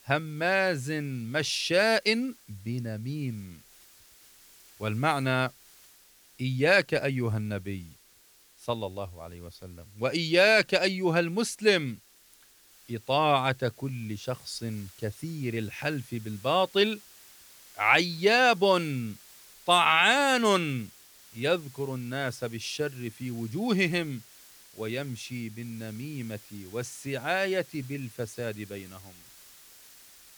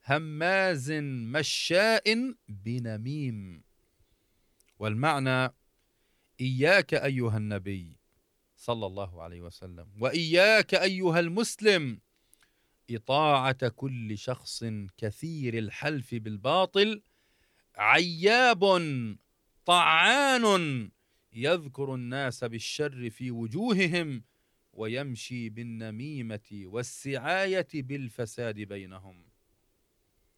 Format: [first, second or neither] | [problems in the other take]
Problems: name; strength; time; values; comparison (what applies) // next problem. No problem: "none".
second | hiss; faint; throughout; 25 dB below the speech